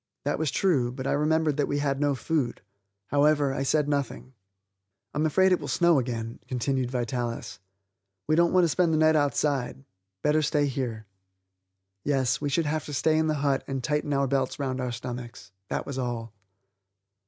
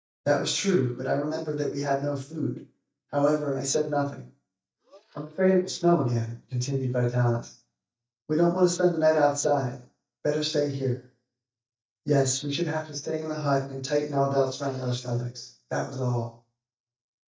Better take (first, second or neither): first